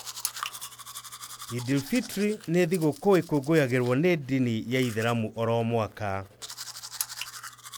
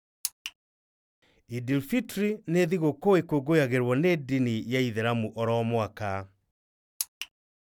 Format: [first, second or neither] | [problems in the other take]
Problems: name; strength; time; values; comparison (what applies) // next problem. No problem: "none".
second | background sound (Domestic sounds, home sounds); 16 dB below the speech